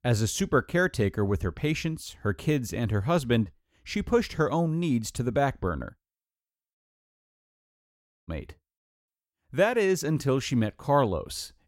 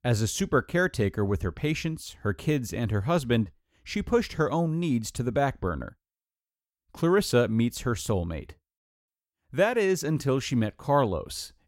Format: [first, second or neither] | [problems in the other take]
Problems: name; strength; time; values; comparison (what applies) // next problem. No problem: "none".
second | audio cutting out; at 7 s for 1.5 s